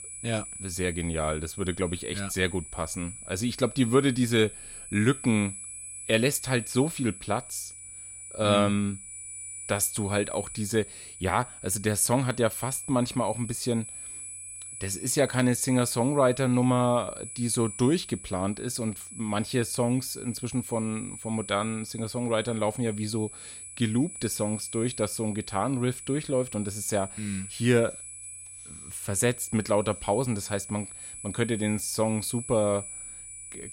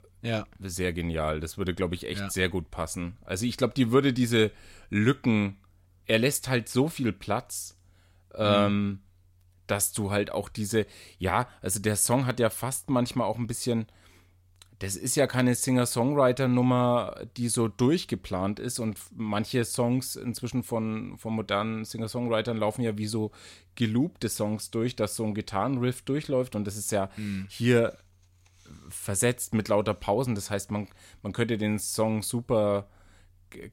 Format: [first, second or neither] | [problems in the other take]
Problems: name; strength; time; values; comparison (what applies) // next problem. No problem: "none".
second | high-pitched whine; noticeable; throughout; 9.5 kHz, 10 dB below the speech